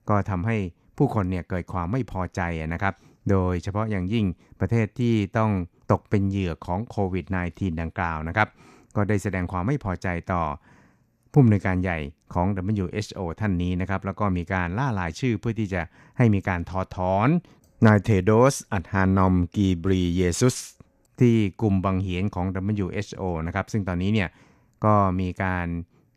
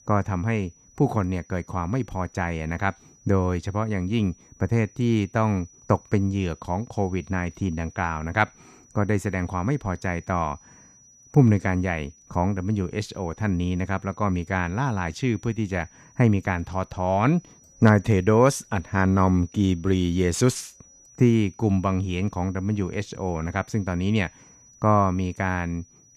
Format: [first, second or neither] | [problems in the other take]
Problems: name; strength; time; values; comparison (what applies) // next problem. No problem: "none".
first | high-pitched whine; faint; throughout; 6 kHz, 25 dB below the speech